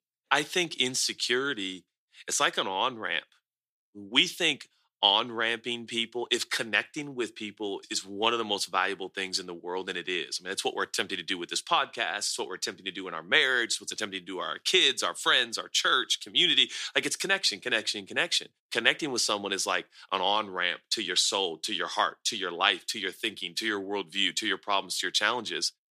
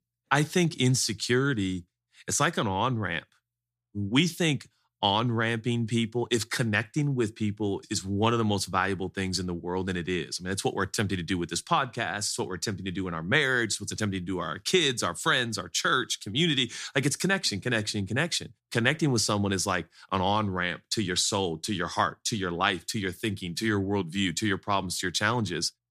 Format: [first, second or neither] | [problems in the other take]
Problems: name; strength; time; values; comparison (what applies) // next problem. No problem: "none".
second | thin; somewhat; fading below 450 Hz